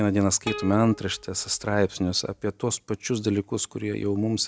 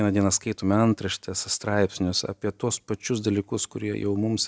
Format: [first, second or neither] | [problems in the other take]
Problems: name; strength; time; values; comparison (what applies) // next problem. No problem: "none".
second | background sound (Plucked string instrument); 14 dB below the speech